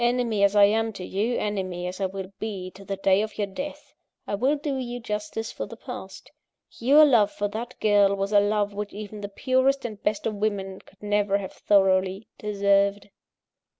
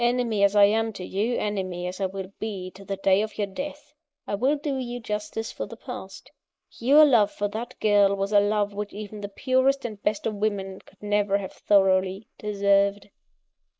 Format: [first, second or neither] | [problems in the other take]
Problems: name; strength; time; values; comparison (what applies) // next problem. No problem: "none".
first | noise reduction (neural mask model Resemble Enhance denoiser)